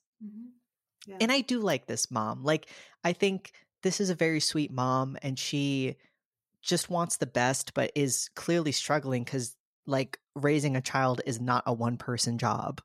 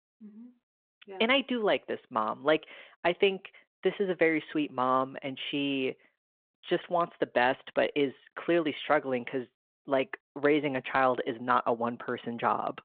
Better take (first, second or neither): first